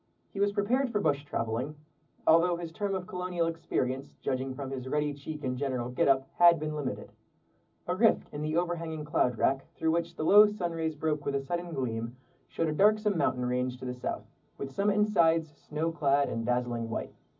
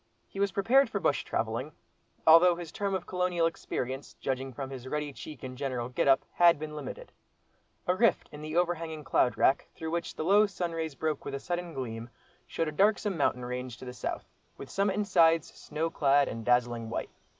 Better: second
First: room echo; dies away in 0.4 s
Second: none

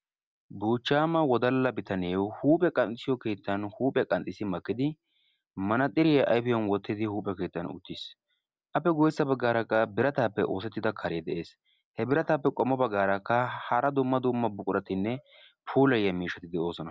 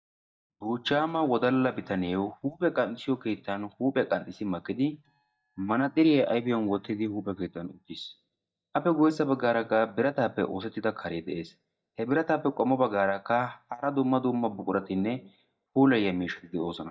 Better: first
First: none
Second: noise reduction (neural mask model DeepFilterNet 3)

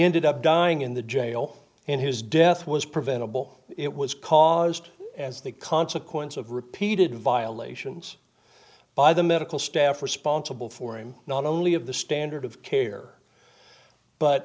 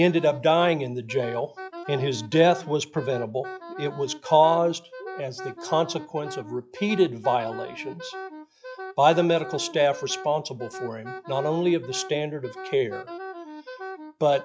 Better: first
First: none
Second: noise reduction (classical method log-MMSE)

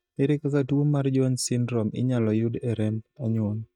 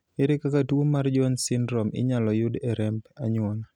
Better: second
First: noise reduction (neural mask model DeepFilterNet 3)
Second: none

